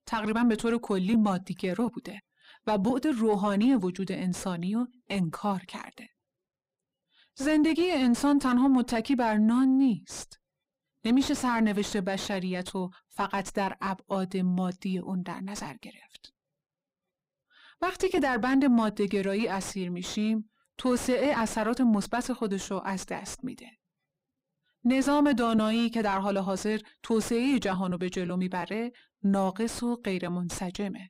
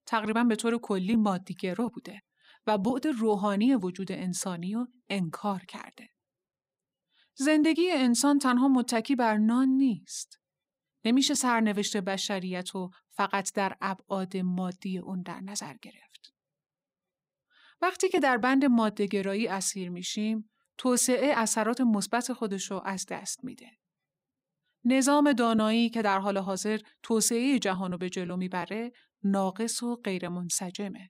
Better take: second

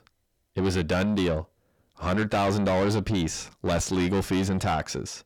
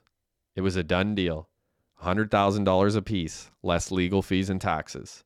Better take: second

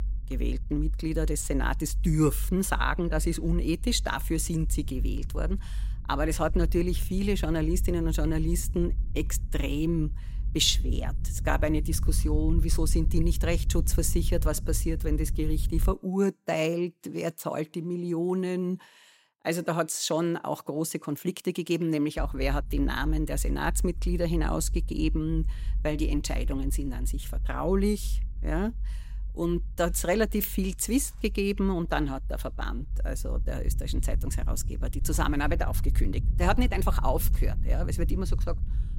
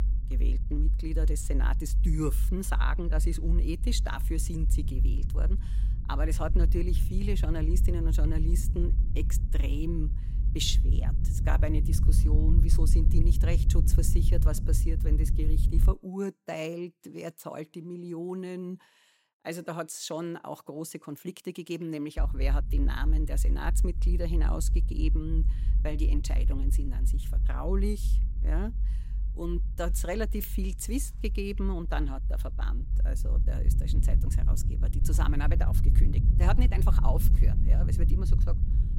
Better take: first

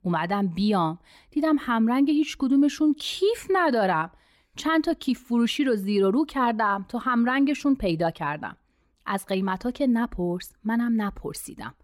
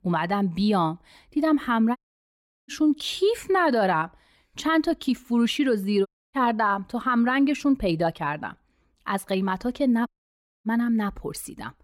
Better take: first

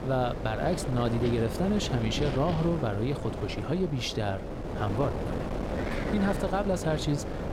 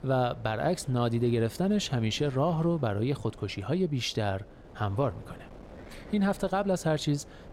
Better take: second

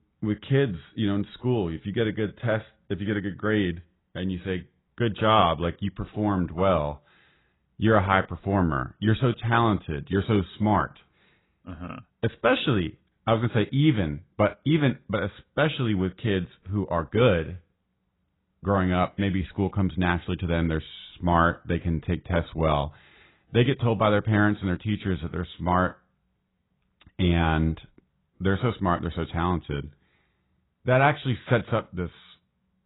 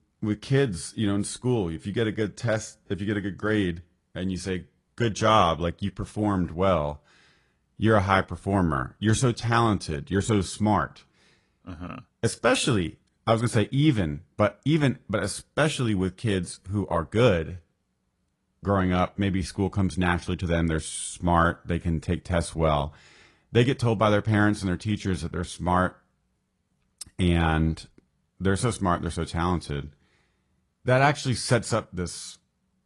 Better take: second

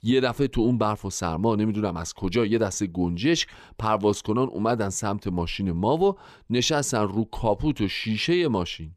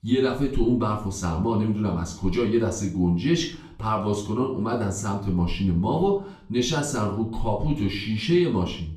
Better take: first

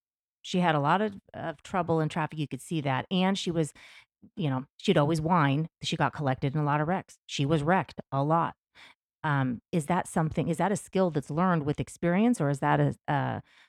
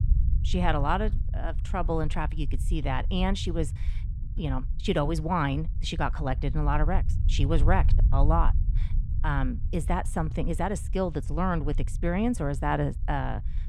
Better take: first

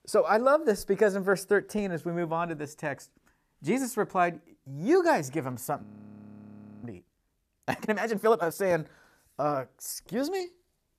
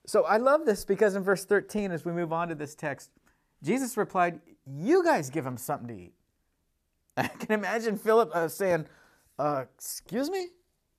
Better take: second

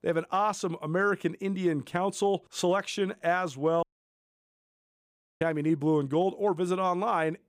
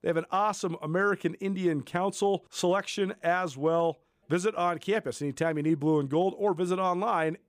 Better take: second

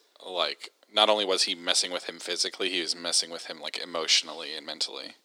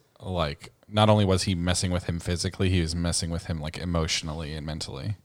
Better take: second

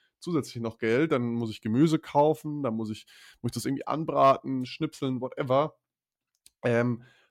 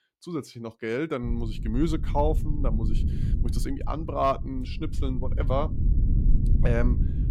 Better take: first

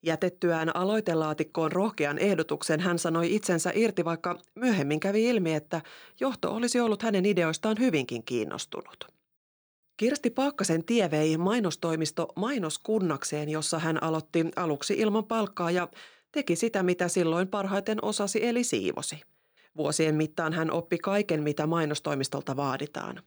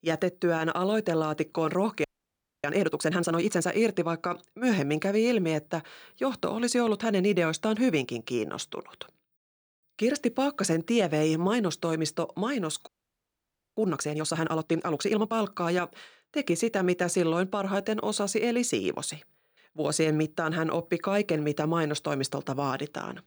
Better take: first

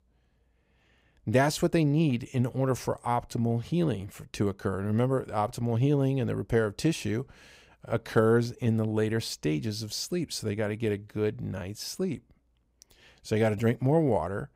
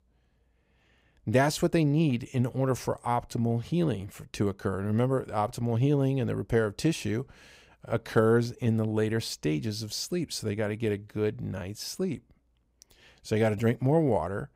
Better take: neither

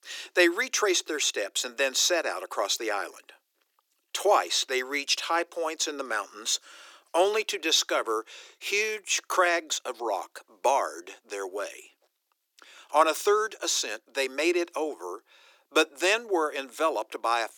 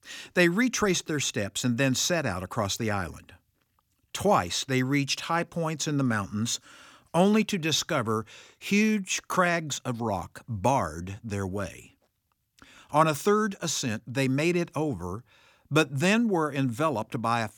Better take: second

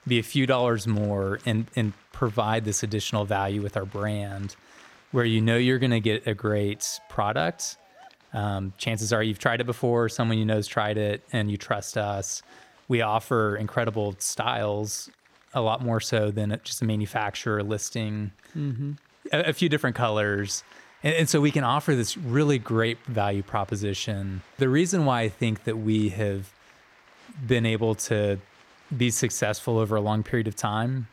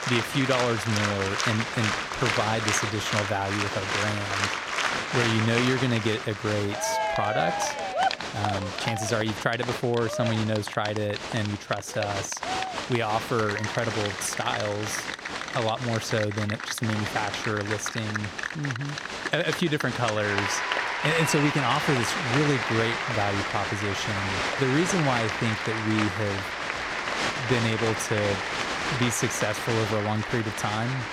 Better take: first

